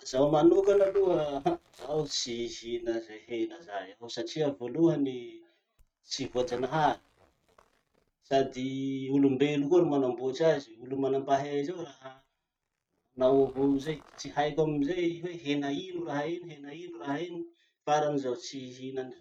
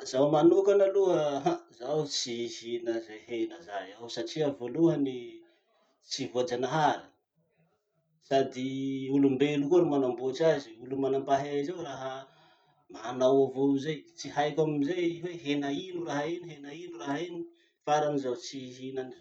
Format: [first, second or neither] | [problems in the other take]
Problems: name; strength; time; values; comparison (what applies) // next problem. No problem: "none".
second | noise reduction (neural mask model RNNoise)